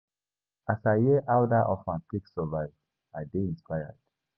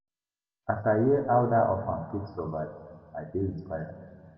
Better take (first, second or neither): first